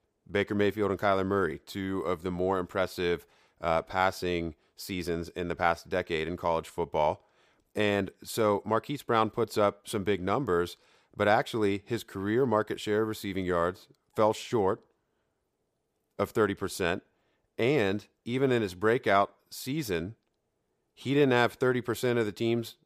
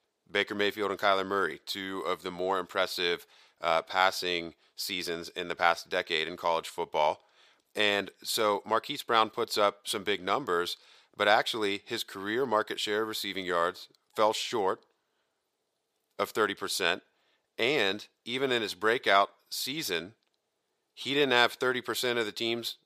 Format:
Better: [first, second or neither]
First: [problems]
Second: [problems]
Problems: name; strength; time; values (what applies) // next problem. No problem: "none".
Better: first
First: none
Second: thin; somewhat; fading below 800 Hz